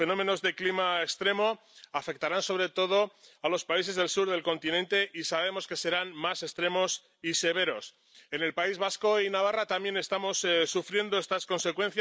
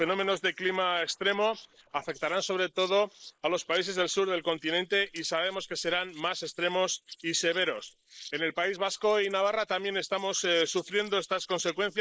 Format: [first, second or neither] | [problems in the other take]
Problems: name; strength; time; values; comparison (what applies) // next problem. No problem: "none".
first | noise reduction (neural mask model Resemble Enhance denoiser)